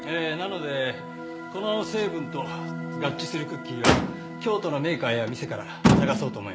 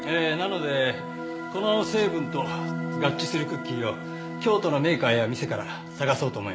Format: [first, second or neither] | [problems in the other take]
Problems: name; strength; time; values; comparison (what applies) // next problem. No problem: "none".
second | background sound (Motor vehicle (road)); as loud as the speech